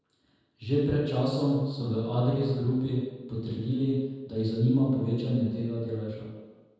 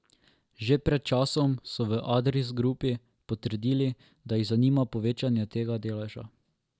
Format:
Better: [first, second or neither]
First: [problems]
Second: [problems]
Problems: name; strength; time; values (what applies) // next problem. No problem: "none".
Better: second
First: room echo; dies away in 1.2 s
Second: none